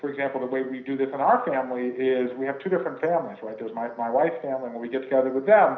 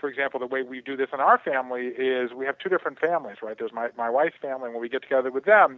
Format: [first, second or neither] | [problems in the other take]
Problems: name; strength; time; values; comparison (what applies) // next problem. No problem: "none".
second | room echo; dies away in 0.5 s